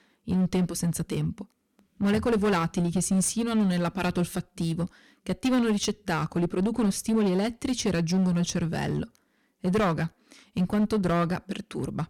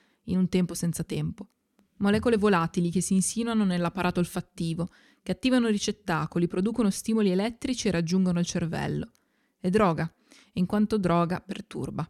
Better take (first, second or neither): second